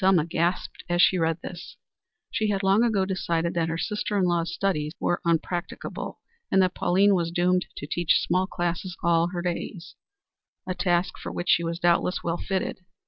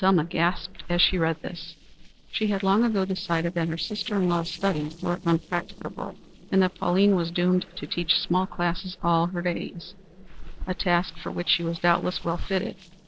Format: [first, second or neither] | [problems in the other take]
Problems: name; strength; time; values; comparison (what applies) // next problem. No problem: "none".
first | noise reduction (neural separator model SepFormer DNS4)